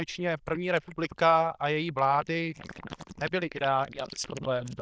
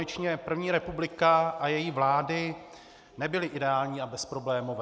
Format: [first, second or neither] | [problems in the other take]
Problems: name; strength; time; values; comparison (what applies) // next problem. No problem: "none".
second | noise reduction (neural diffusion model UNIVERSE++)